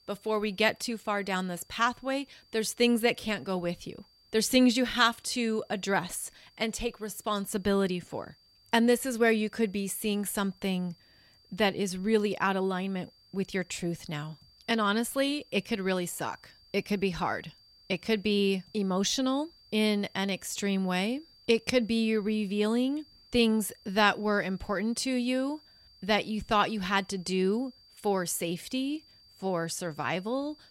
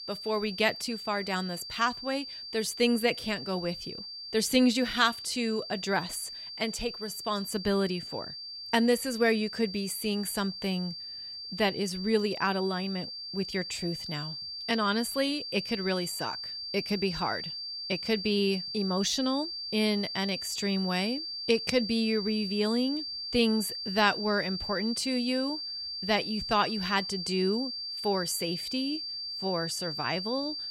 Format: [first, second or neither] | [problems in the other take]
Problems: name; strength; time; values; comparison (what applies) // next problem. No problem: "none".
first | high-pitched whine; loud; throughout; 4.5 kHz, 6 dB below the speech; faint in the first